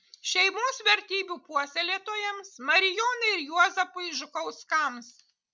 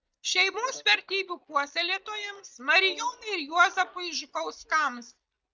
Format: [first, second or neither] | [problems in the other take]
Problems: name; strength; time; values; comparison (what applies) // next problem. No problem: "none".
first | noise reduction (neural mask model DeepFilterNet 3)